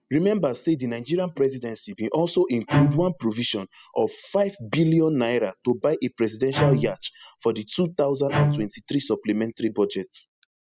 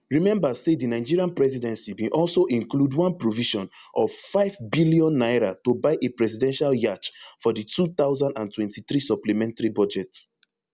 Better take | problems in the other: second | noise reduction (classical method spectral subtraction)

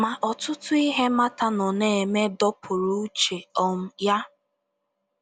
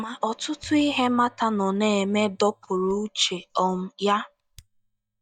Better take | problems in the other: first | noise reduction (neural mask model DeepFilterNet 3)

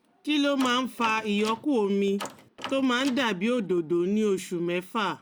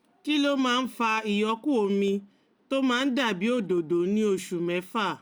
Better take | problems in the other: second | background sound (Door); 15 dB below the speech

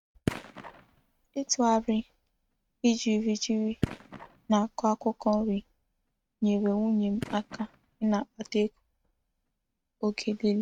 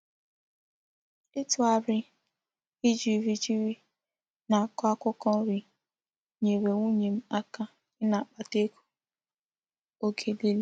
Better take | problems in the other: second | noise reduction (neural mask model RNNoise)

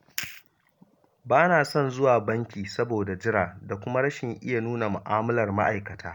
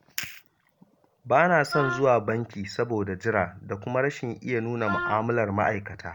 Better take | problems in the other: first | background sound (Wind instrument, woodwind instrument); 6 dB below the speech

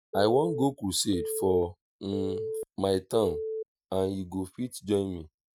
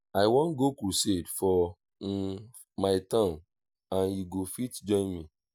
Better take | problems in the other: second | noise reduction (neural mask model RNNoise)

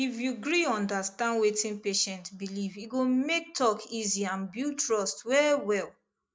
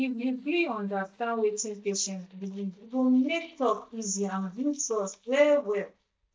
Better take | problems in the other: first | noise reduction (neural mask model DeepFilterNet 3)

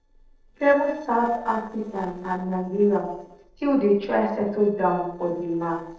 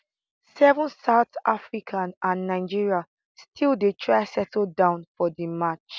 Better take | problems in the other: second | noise reduction (neural separator model SepFormer DNS4)

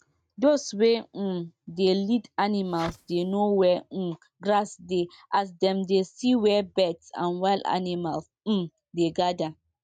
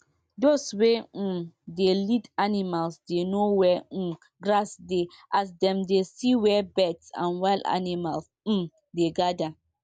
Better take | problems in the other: second | noise reduction (neural mask model RNNoise)

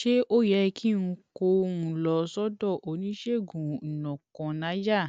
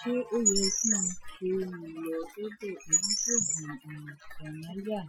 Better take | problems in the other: first | noise reduction (classical method Wiener filter)

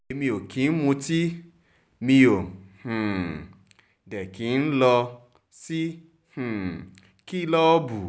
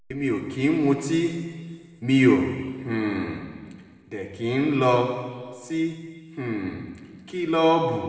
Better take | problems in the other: first | room echo; dies away in 1.7 s

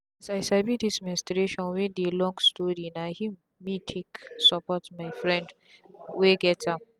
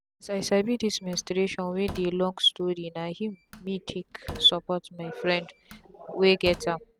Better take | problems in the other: first | background sound (Slam); 18 dB below the speech

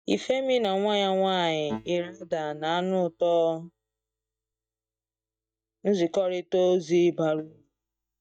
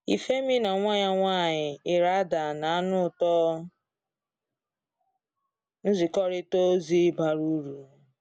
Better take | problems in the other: second | noise reduction (neural mask model DeepFilterNet 3)

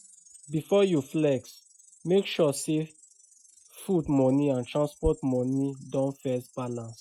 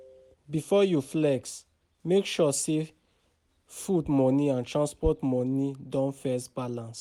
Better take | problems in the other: second | noise reduction (classical method Wiener filter)

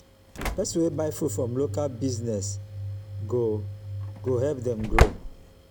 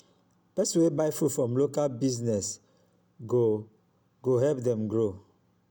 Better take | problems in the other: second | background sound (Slam / Engine); 1 dB below the speech

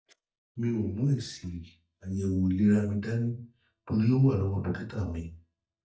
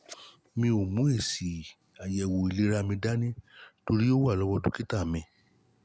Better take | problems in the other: second | noise reduction (neural mask model DeepFilterNet 3)

